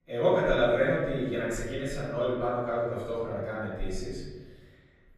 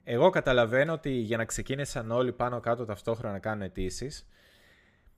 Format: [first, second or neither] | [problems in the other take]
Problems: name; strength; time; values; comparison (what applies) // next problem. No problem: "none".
second | room echo; noticeable; dies away in 1.3 s // off-mic speech; far